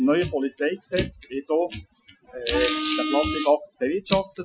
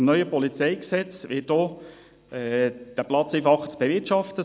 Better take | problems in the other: second | noise reduction (classical method Wiener filter)

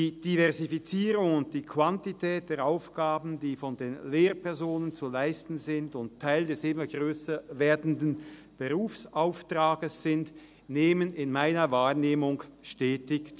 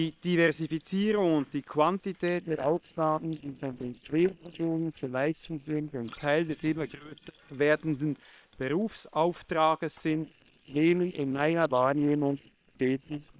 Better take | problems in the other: first | noise reduction (neural separator model SepFormer WHAM!)

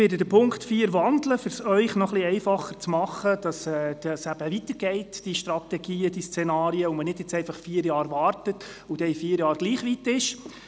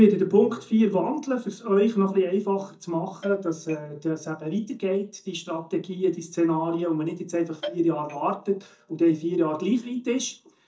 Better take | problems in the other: first | noise reduction (neural mask model DeepFilterNet 3)

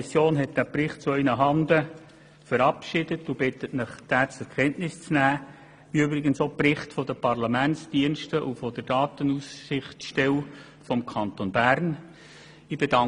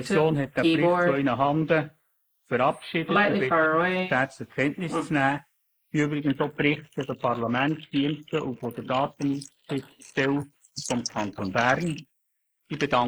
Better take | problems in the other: first | noise reduction (neural mask model Resemble Enhance denoiser)

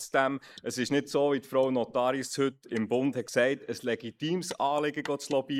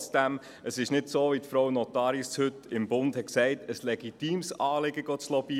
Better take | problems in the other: second | noise reduction (neural mask model Resemble Enhance denoiser)

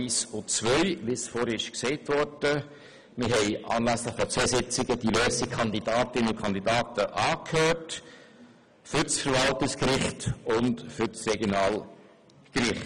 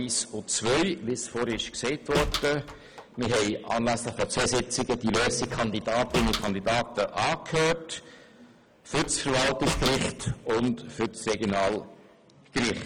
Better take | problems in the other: first | background sound (Slam); 10 dB below the speech

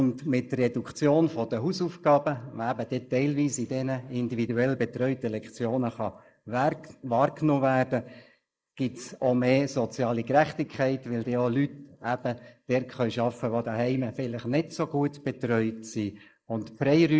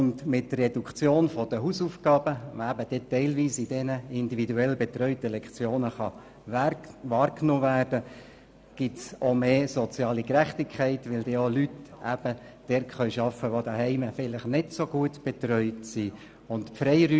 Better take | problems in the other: second | noise reduction (neural mask model Resemble Enhance denoiser)

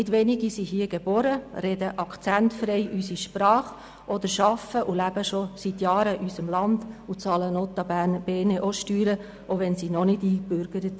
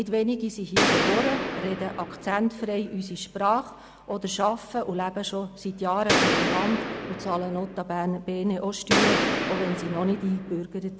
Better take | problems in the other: first | background sound (Gunshot, gunfire); 2 dB above the speech

